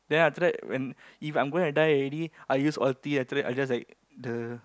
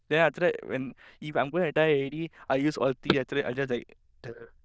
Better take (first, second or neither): first